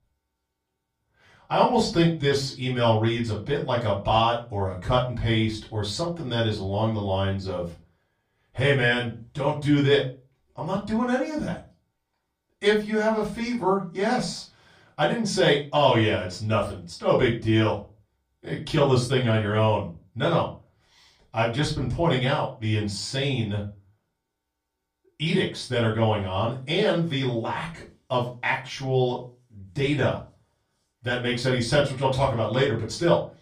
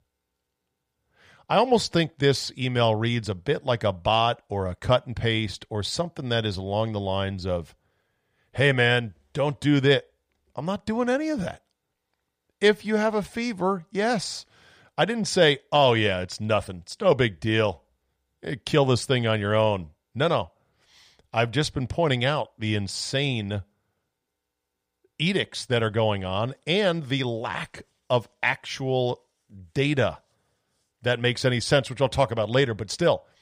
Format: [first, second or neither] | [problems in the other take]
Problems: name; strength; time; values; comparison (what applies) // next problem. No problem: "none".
second | off-mic speech; far // room echo; slight; dies away in 0.3 s